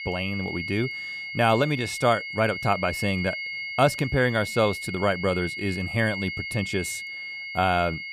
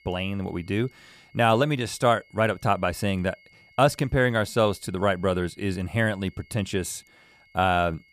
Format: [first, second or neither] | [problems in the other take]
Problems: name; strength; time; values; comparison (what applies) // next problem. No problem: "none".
second | high-pitched whine; loud; throughout; 2 kHz, 6 dB below the speech; faint in the second